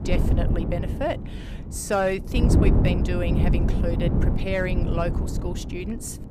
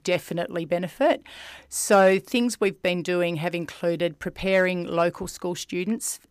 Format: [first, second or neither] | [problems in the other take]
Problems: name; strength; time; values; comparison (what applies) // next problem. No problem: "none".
second | wind noise on the microphone; heavy; 4 dB below the speech